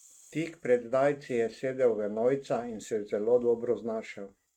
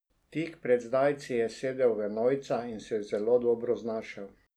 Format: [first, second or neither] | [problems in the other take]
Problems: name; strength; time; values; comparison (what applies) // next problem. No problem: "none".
second | noise reduction (neural mask model RNNoise)